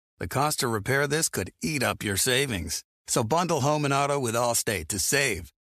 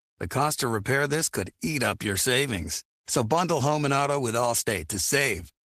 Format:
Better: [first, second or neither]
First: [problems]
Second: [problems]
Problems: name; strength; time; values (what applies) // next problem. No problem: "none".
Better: first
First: none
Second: garbled, watery; slightly; nothing above 14.5 kHz